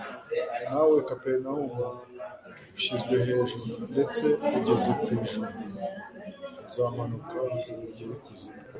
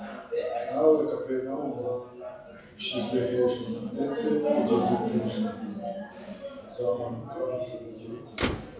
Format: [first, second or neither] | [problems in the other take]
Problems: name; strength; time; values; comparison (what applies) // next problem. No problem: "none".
first | background sound (Motor vehicle (road)); 15 dB below the speech // room echo; dies away in 0.6 s